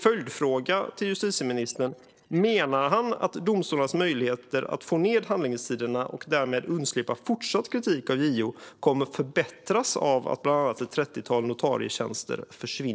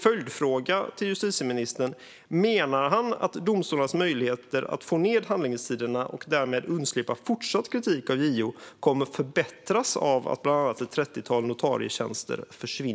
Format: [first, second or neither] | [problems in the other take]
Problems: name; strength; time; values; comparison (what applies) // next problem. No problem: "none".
second | noise reduction (neural separator model SepFormer DNS4)